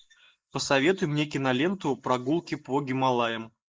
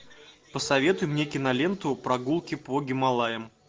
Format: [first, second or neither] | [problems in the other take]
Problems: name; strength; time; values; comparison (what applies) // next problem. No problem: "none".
second | noise reduction (neural mask model Resemble Enhance denoiser)